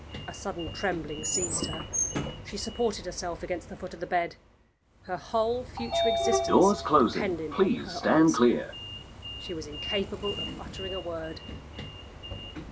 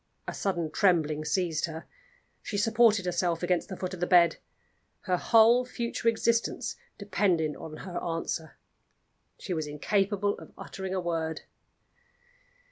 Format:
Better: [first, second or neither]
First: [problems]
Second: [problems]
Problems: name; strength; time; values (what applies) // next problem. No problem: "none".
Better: second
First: background sound (Sliding door); 5 dB above the speech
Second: none